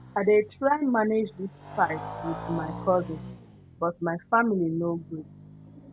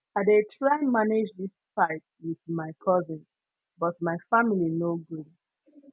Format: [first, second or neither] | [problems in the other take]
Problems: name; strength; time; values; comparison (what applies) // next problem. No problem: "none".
second | background sound (Motorcycle); 14 dB below the speech